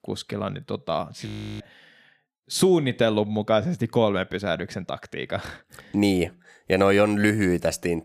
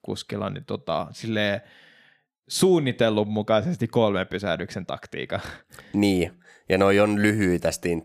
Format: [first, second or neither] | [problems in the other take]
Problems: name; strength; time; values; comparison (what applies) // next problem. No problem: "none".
second | audio freezing; at 1.5 s